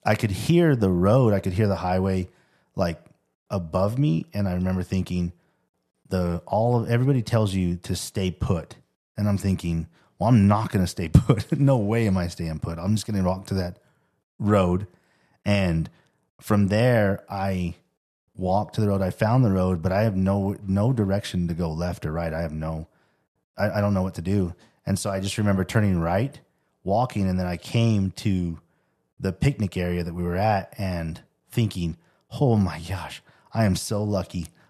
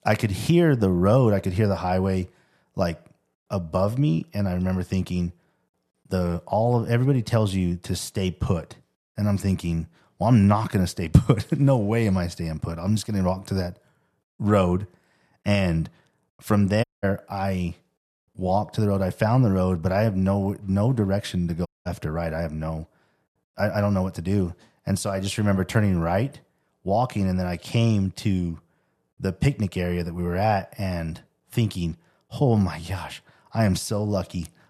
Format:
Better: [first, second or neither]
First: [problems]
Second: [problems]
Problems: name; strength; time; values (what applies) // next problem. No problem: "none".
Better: first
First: none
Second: audio cutting out; at 17 s and at 22 s